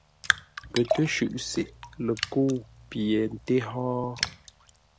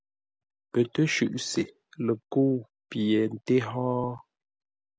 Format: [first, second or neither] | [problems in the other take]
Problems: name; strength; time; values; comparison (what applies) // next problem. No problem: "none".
second | background sound (Raindrop + Liquid); 6 dB below the speech